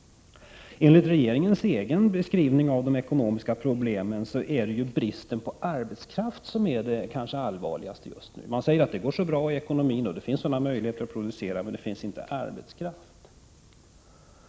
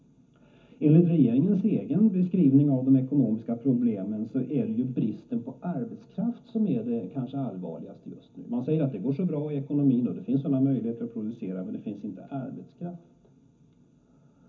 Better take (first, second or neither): first